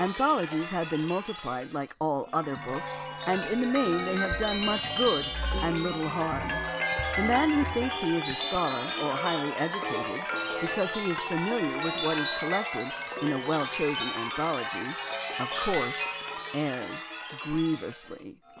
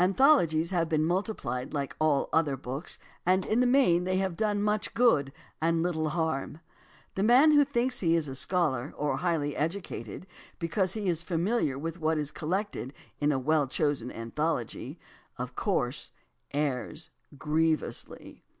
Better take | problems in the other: second | background sound (Chime); 3 dB below the speech

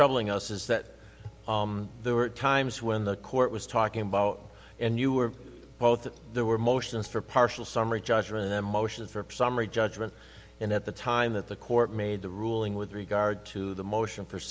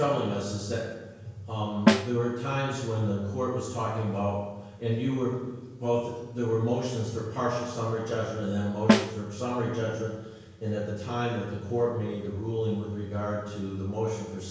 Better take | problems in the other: first | background sound (Snare drum); 2 dB above the speech // room echo; dies away in 1 s

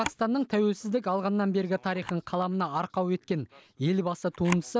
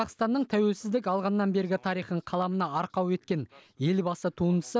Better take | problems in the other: second | background sound (Camera); 16 dB below the speech

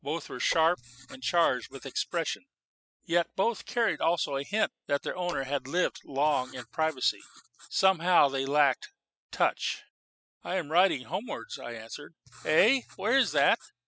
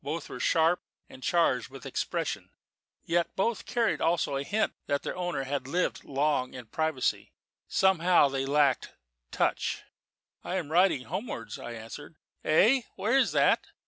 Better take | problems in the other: second | noise reduction (classical method spectral subtraction)

